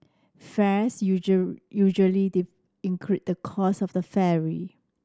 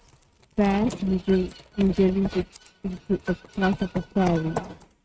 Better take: first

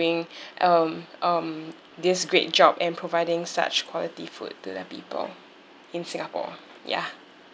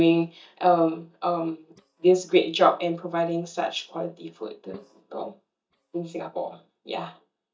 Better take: first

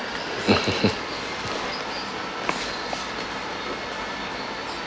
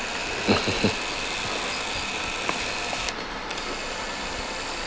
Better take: first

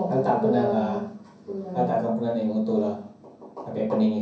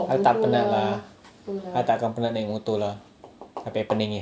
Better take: second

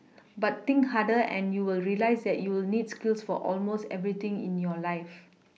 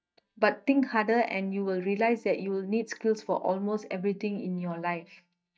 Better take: first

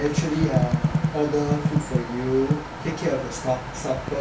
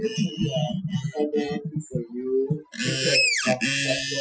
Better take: first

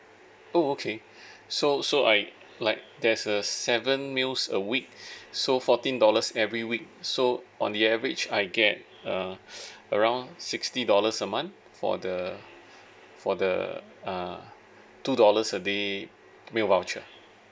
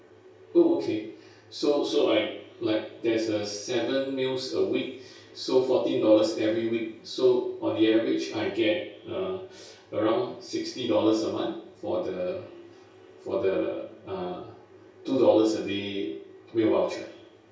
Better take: first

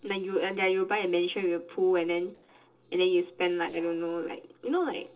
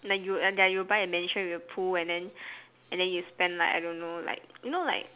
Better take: second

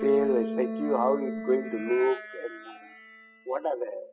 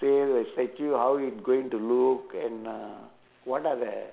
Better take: second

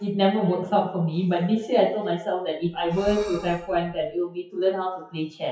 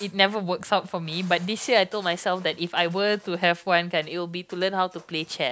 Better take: second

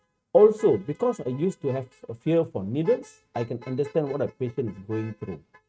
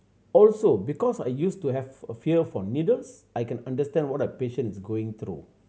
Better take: second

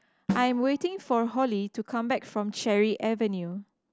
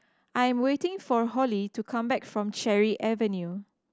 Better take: second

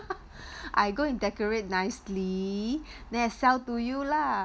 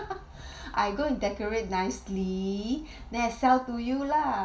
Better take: first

